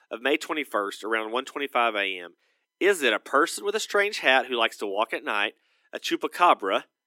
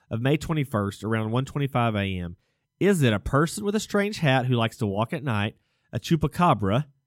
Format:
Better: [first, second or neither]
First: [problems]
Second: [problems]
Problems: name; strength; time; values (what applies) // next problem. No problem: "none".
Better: second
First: thin; very; fading below 300 Hz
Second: none